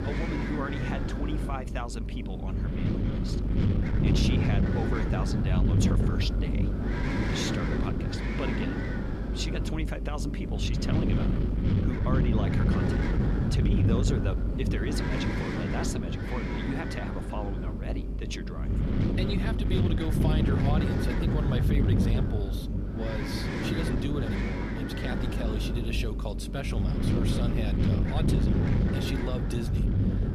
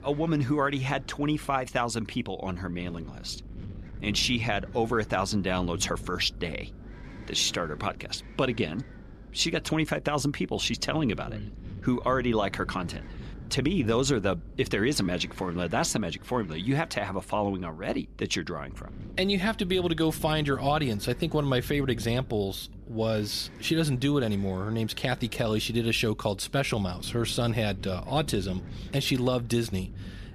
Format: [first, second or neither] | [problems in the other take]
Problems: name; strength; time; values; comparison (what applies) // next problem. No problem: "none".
second | wind noise on the microphone; heavy; 2 dB above the speech; occasional gusts in the second